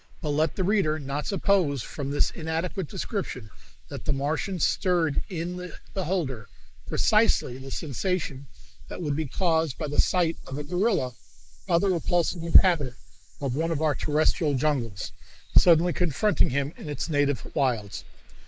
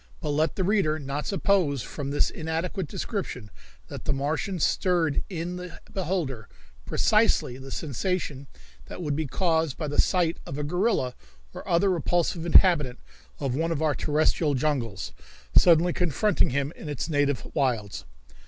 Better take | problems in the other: second | noise reduction (neural mask model Resemble Enhance denoiser)

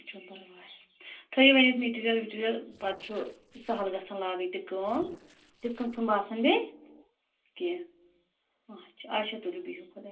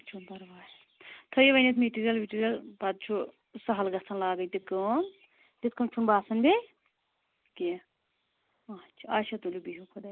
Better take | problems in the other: second | noise reduction (neural separator model SepFormer DNS4)

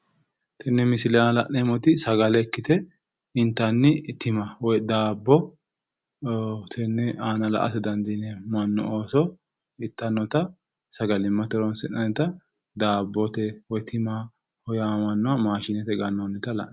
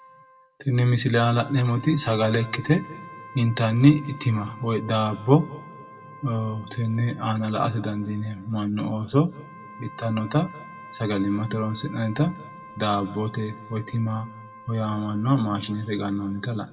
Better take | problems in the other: first | background sound (Wind instrument, woodwind instrument); 20 dB below the speech // room echo; dies away in 1.8 s

